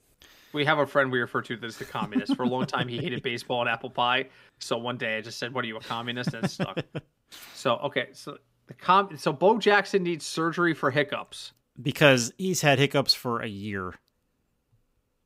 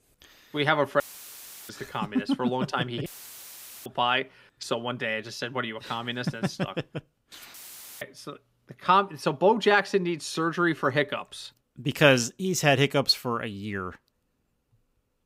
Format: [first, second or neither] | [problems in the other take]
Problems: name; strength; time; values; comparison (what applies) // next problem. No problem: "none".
first | audio cutting out; filled with static; at 1 s for 0.5 s, at 3 s for 1 s and at 7.5 s